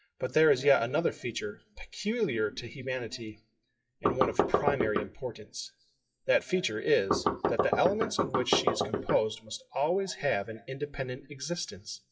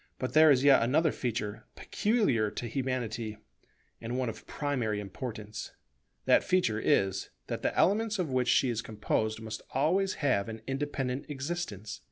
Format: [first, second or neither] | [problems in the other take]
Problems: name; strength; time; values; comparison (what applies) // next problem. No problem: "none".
second | noise reduction (classical method WPE with log-MMSE)